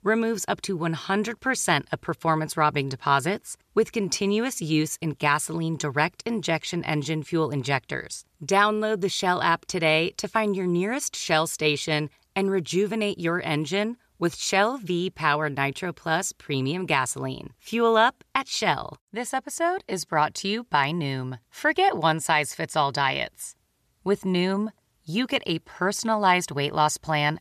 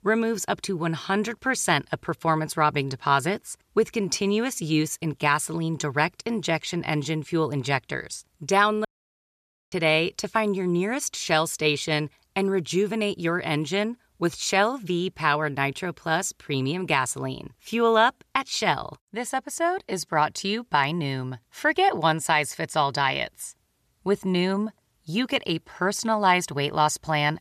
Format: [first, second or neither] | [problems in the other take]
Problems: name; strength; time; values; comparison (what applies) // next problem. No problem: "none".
first | audio cutting out; at 9 s for 1 s